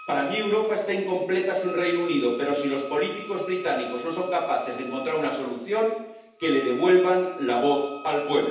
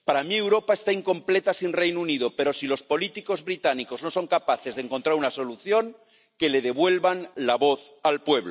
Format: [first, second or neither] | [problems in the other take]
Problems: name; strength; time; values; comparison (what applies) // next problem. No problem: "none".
second | background sound (Wind instrument, woodwind instrument); 17 dB below the speech // room echo; dies away in 0.9 s